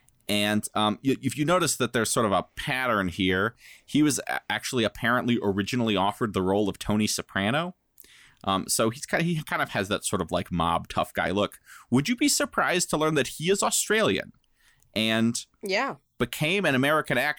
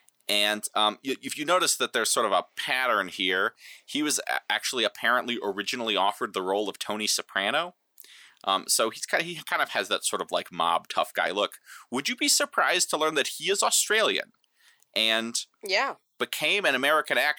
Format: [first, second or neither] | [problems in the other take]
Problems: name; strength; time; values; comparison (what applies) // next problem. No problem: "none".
first | thin; somewhat; fading below 450 Hz